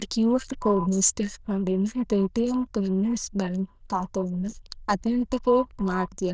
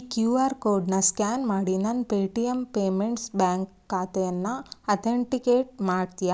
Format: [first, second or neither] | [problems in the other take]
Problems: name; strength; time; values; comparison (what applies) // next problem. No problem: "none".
second | noise reduction (neural diffusion model UNIVERSE++)